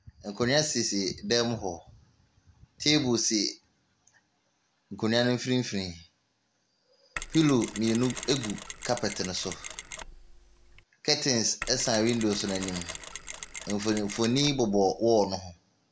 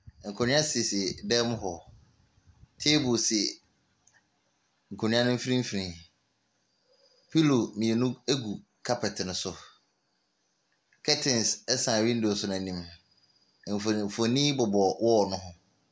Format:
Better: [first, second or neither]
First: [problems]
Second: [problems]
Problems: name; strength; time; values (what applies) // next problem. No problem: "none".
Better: second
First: background sound (Mechanisms); 11 dB below the speech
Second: none